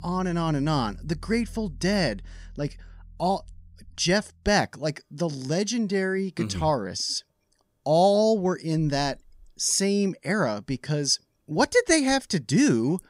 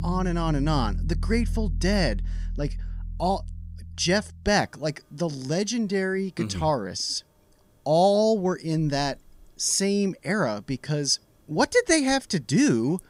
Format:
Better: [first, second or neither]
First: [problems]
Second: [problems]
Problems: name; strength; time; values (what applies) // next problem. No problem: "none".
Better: first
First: background music; faint; throughout; 20 dB below the speech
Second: background music; loud; throughout; 8 dB below the speech